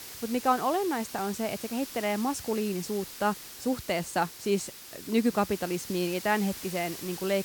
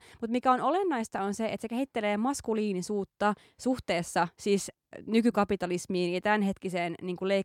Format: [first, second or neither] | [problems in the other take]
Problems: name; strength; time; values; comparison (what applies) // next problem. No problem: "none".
second | hiss; noticeable; throughout; 10 dB below the speech